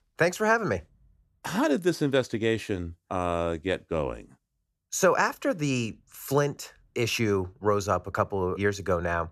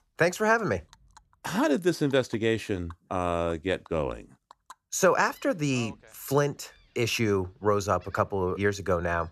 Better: first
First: none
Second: animal sounds; faint; throughout; 25 dB below the speech

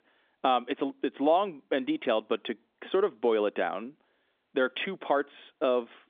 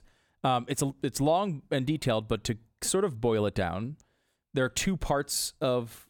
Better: second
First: phone-call audio; nothing above 3.5 kHz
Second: none

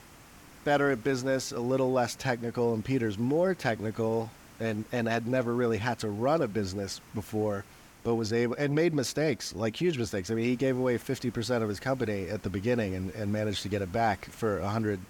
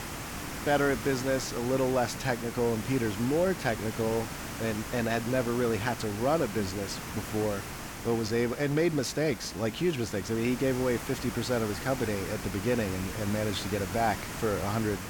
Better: first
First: hiss; faint; throughout; 25 dB below the speech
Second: hiss; loud; throughout; 8 dB below the speech

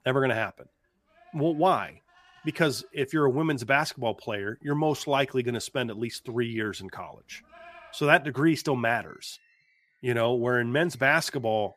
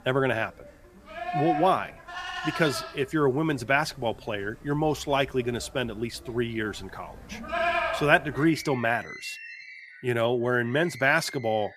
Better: first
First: animal sounds; faint; throughout; 30 dB below the speech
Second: animal sounds; loud; throughout; 7 dB below the speech

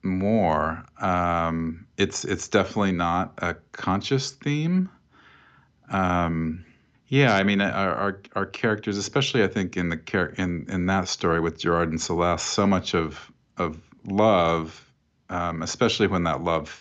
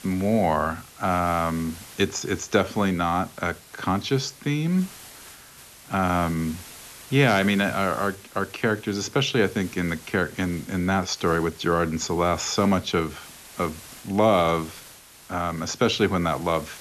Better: first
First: none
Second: hiss; noticeable; throughout; 20 dB below the speech

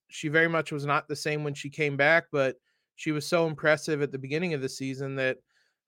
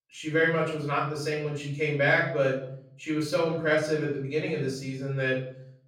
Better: first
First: none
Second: off-mic speech; far // room echo; noticeable; dies away in 0.7 s

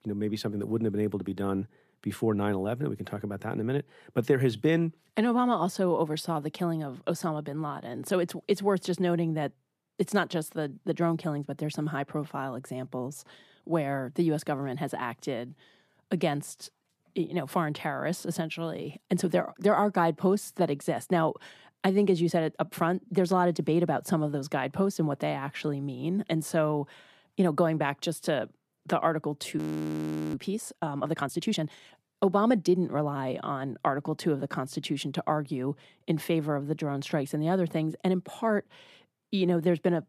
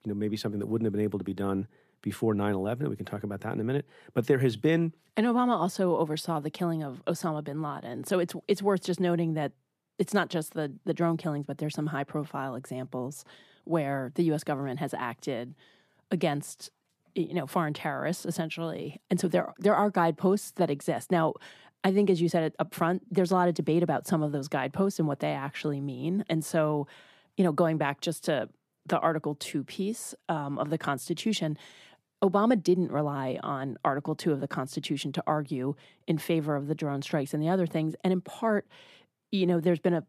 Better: second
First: audio freezing; at 30 s for 1 s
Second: none

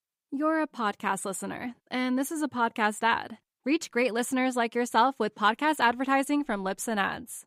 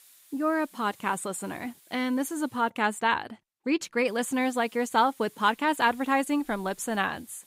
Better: first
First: none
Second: hiss; faint; until 2.5 s and from 4 s on; 25 dB below the speech

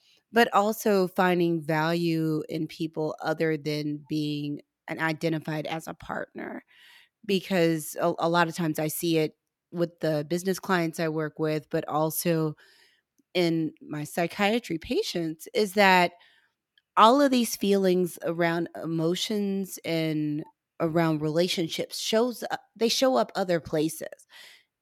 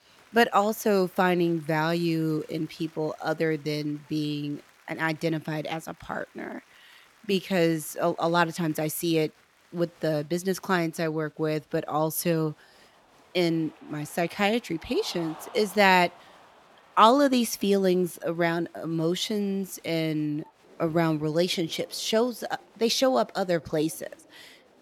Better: first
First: none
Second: crowd noise; faint; throughout; 25 dB below the speech

